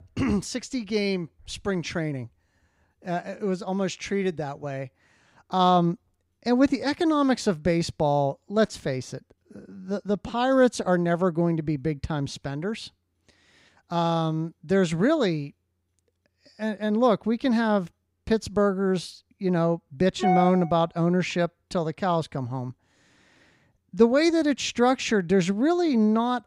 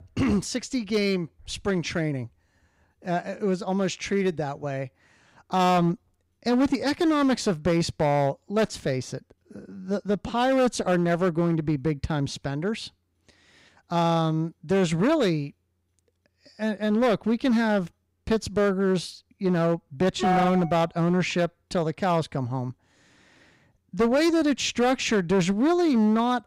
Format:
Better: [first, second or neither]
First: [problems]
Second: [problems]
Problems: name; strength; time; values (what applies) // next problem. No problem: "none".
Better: first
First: none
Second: distortion; slight; 7% of the sound clipped